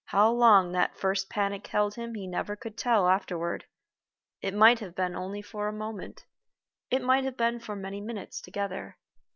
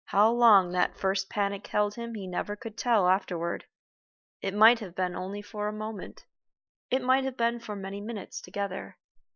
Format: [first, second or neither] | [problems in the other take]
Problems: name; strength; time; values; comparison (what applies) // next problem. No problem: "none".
first | noise reduction (neural mask model Resemble Enhance denoiser)